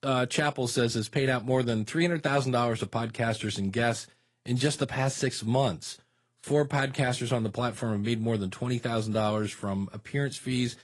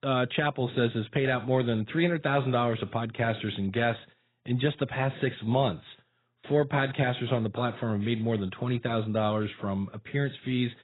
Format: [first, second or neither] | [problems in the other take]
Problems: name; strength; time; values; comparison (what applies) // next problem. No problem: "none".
first | garbled, watery; badly; nothing above 4 kHz; slightly in the first